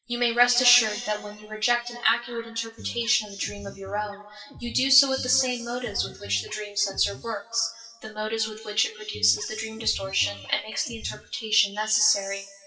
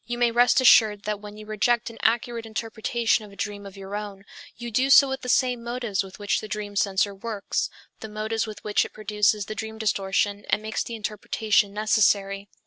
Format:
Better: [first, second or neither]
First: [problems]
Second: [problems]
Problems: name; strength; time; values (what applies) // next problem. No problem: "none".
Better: second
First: noise reduction (classical method WPE with log-MMSE)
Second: none